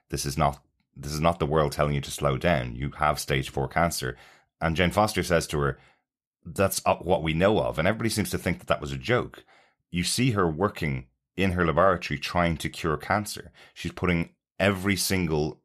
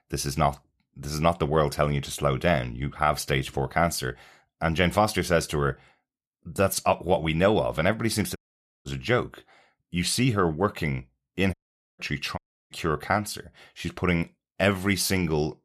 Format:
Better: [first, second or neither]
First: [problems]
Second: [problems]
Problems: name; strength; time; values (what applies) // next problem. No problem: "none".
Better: first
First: none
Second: audio cutting out; at 8.5 s and at 12 s